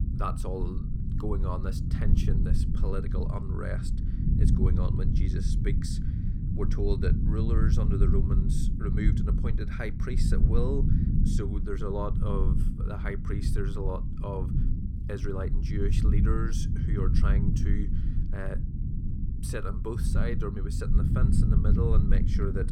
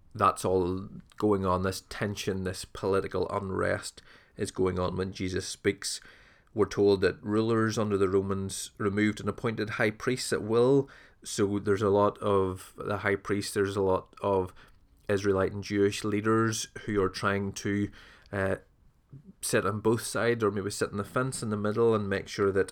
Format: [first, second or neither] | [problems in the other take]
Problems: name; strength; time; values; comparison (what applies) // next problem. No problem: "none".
second | low rumble; loud; throughout; 2 dB below the speech